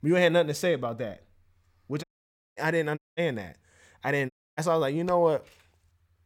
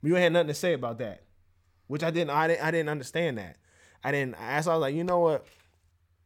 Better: second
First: audio cutting out; at 2 s for 0.5 s, at 3 s and at 4.5 s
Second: none

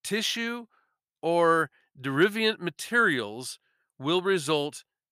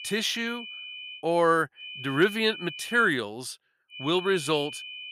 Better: first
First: none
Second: high-pitched whine; noticeable; until 1 s, from 2 to 3 s and from 4 s on; 3 kHz, 10 dB below the speech

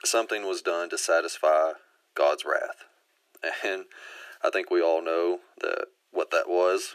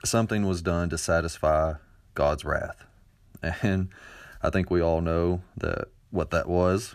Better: second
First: thin; very; fading below 350 Hz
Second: none

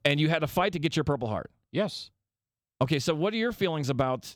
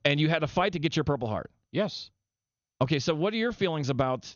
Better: first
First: none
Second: garbled, watery; slightly; nothing above 6.5 kHz

